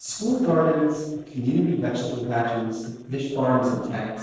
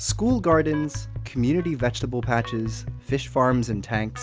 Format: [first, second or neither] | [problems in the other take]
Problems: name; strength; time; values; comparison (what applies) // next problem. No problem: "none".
second | noise reduction (neural separator model SepFormer DNS4)